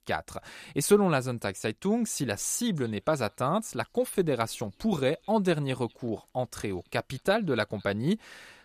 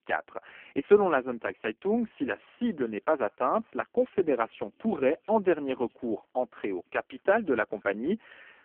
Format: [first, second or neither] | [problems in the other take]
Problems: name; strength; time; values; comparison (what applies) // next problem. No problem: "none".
first | phone-call audio; poor line